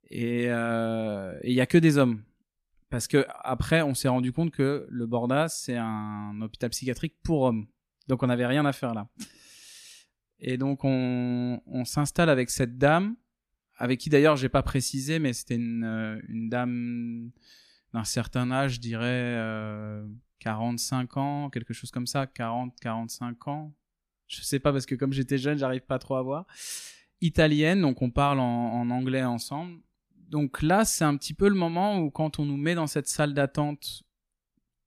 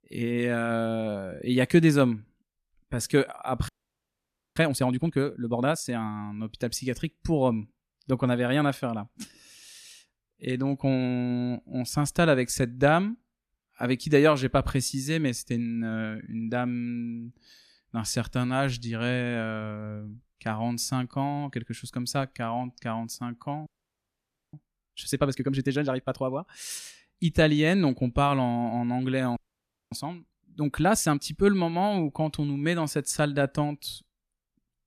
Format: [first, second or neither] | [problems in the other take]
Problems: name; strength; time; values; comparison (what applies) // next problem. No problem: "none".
first | audio freezing; at 3.5 s for 1 s, at 24 s for 1 s and at 29 s for 0.5 s